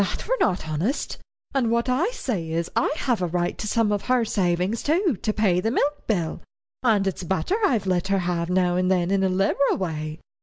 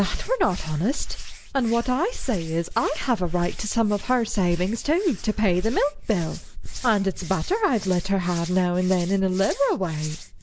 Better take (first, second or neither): first